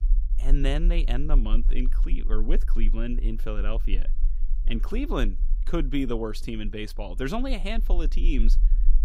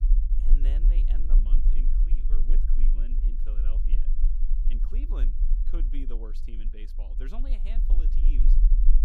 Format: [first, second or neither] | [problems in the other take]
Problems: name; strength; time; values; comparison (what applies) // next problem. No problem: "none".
first | low rumble; loud; throughout; 3 dB below the speech; faint in the first